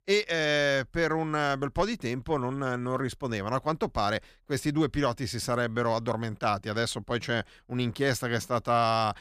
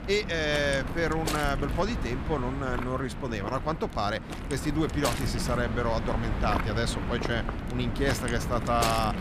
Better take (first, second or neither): first